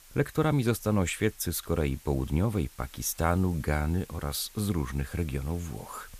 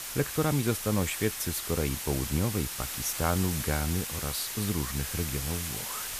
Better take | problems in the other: first | hiss; loud; throughout; 3 dB below the speech; faint in the first

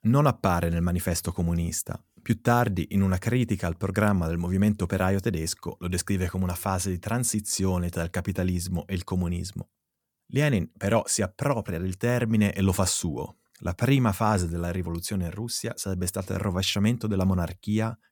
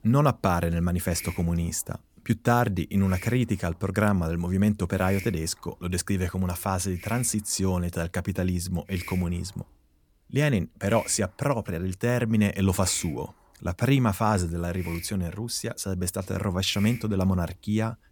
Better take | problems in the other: first | hiss; noticeable; throughout; 15 dB below the speech

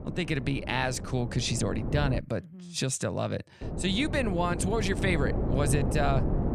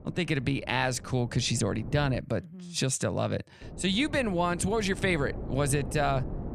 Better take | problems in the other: second | wind noise on the microphone; heavy; until 2 s and from 3.5 s on; 8 dB below the speech; occasional gusts in the second

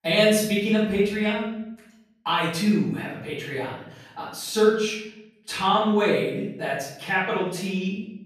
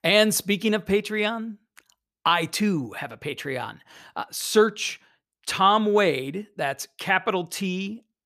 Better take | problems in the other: second | room echo; noticeable; dies away in 0.8 s // off-mic speech; far

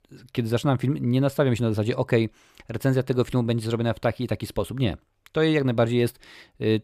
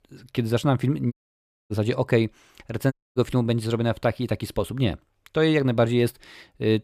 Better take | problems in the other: first | audio cutting out; at 1 s for 0.5 s and at 3 s

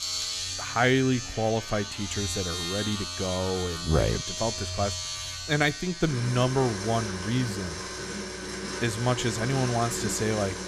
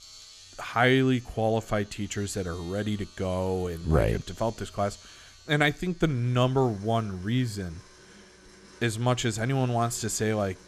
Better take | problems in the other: second | household noises; loud; throughout; 5 dB below the speech; faint in the second

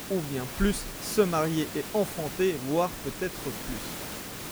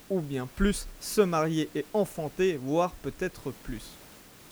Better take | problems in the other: second | hiss; loud; throughout; 8 dB below the speech; faint in the second

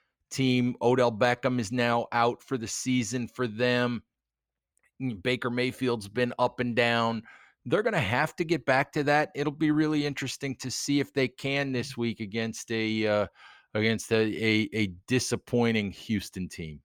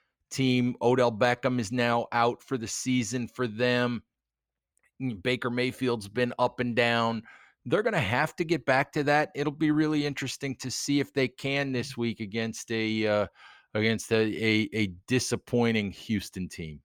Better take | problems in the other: neither | none

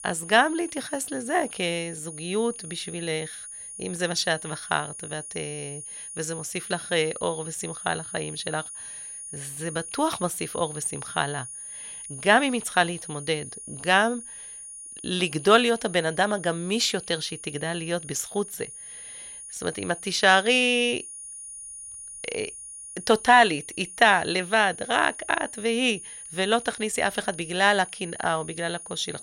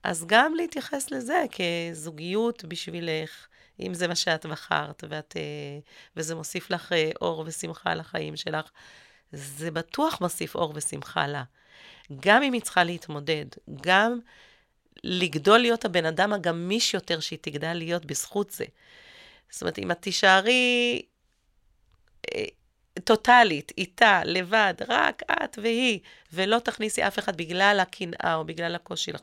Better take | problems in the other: second | high-pitched whine; noticeable; throughout; 9.5 kHz, 10 dB below the speech

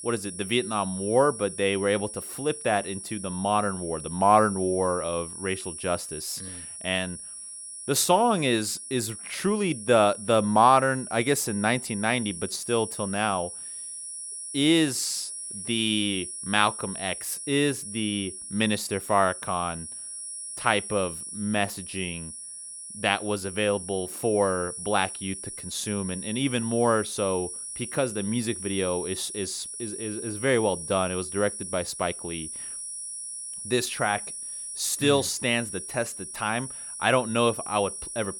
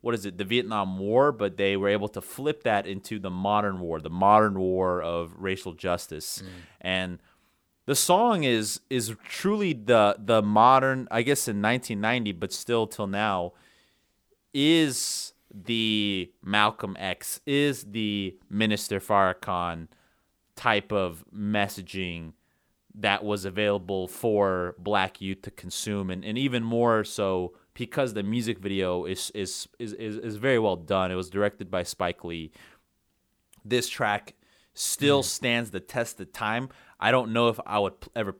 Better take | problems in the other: second | high-pitched whine; loud; throughout; 10 kHz, 9 dB below the speech

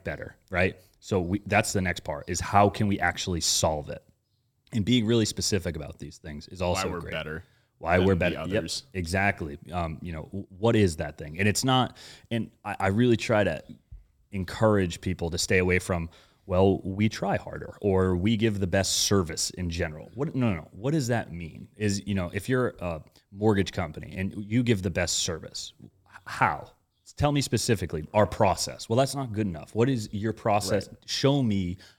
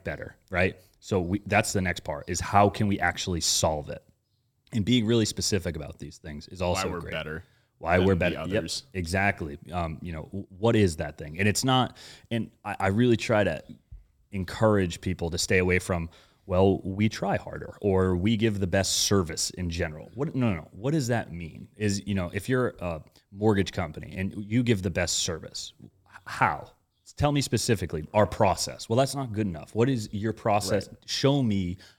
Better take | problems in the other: neither | none

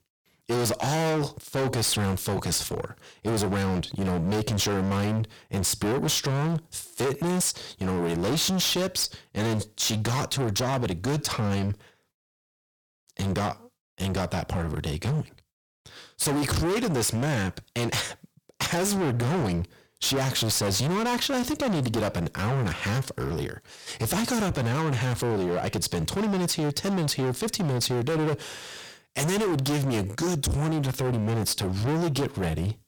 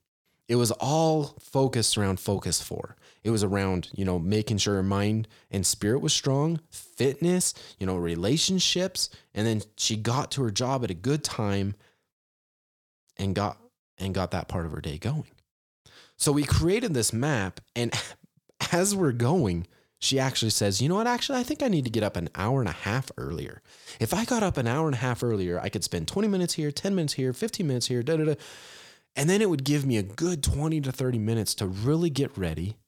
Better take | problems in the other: second | distortion; heavy; 30% of the sound clipped

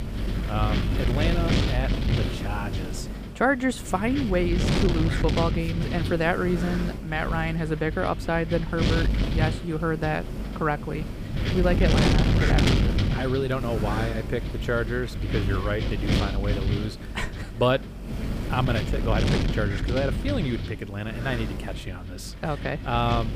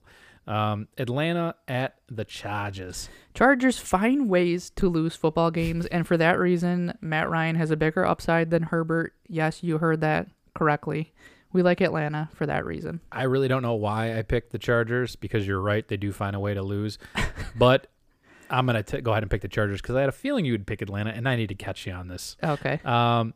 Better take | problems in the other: second | wind noise on the microphone; heavy; 4 dB below the speech

